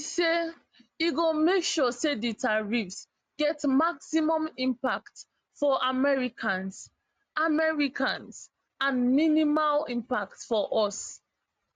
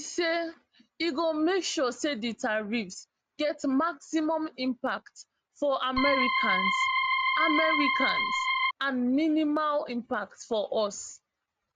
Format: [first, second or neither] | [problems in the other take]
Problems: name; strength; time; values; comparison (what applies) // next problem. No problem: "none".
first | background sound (Organ); 3 dB above the speech